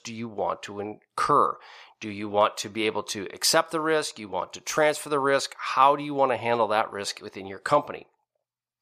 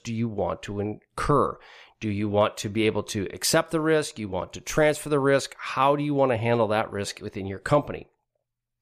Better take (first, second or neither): second